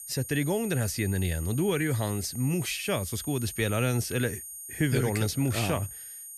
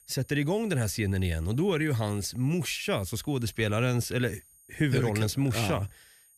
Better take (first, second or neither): second